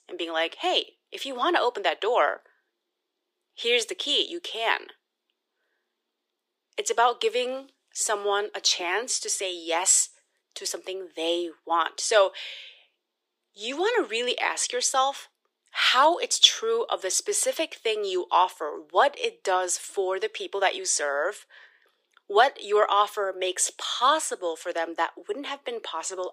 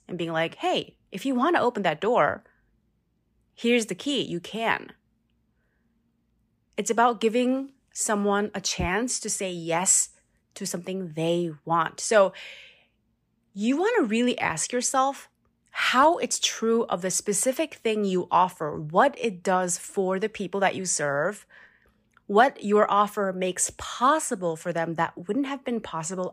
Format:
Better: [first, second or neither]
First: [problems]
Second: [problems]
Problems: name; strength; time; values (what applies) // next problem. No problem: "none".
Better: second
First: thin; very; fading below 350 Hz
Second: none